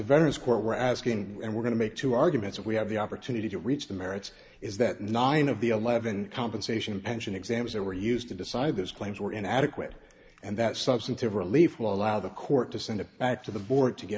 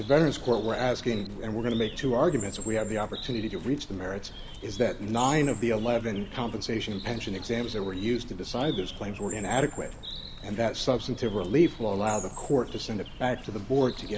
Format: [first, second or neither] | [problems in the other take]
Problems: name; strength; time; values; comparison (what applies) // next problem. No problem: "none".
first | background sound (Bird); 12 dB below the speech